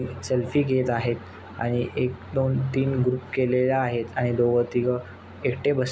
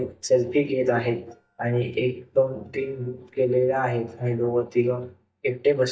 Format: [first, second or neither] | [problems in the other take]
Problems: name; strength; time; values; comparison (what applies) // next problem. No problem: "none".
first | noise reduction (neural mask model DeepFilterNet 3)